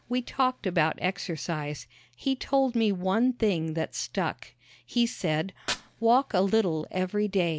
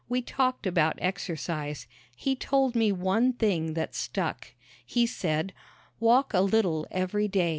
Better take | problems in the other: second | background sound (Fire); 20 dB below the speech

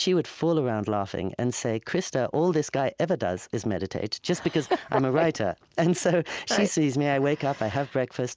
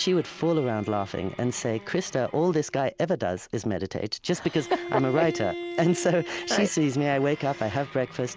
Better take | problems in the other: first | background sound (Bowed string instrument); 14 dB below the speech

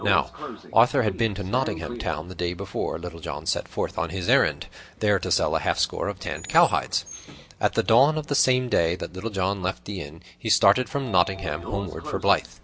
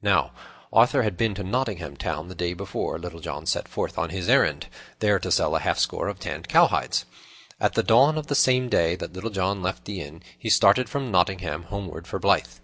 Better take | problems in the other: second | background sound (Sliding door / Train); 16 dB below the speech

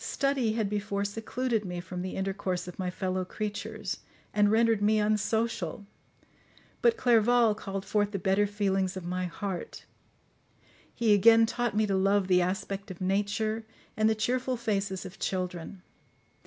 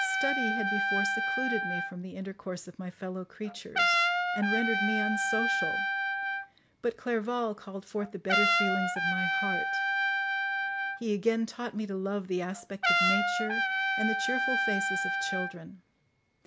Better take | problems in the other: first | background sound (Trumpet); 4 dB above the speech

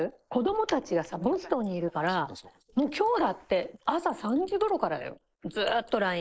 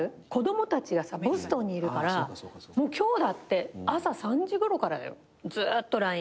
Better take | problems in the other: second | noise reduction (neural mask model Resemble Enhance denoiser)

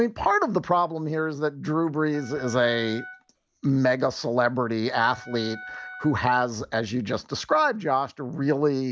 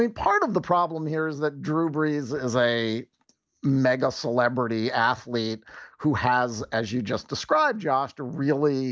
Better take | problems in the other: second | background sound (Wind instrument, woodwind instrument); 18 dB below the speech

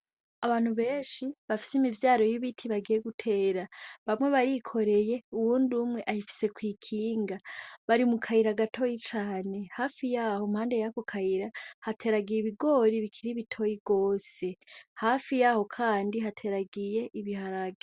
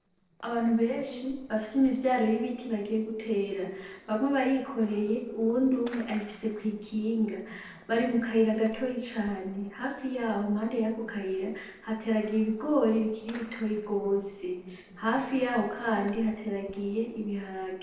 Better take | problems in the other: first | noise reduction (neural separator model SepFormer DNS4)

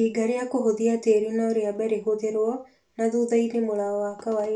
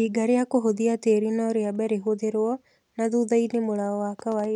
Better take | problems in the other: second | room echo; dies away in 0.3 s

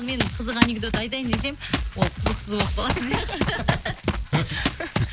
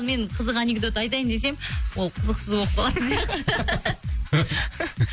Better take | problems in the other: second | background sound (Run); 1 dB below the speech

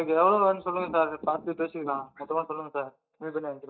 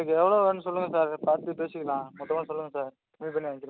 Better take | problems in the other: second | noise reduction (neural mask model DeepFilterNet 3)

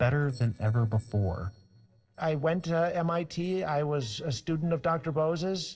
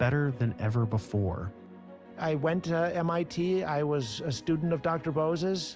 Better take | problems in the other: second | noise reduction (neural separator model SepFormer DNS4)

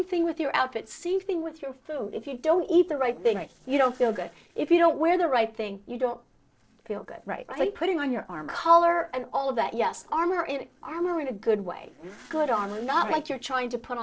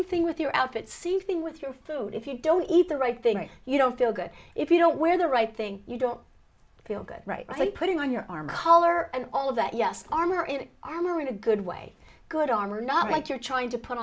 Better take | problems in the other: second | noise reduction (neural separator model SepFormer DNS4)

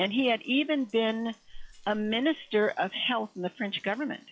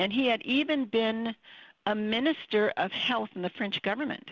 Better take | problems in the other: second | noise reduction (classical method log-MMSE)

